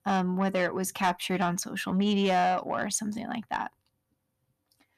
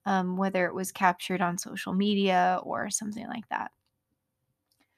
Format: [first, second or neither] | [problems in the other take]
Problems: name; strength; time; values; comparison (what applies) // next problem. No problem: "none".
second | distortion; slight; 10 dB below the speech